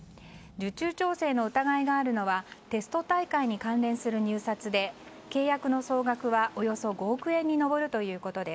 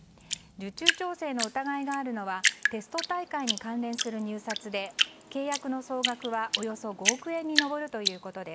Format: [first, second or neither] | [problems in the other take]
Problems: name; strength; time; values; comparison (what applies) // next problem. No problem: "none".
first | background sound (Drip); 1 dB above the speech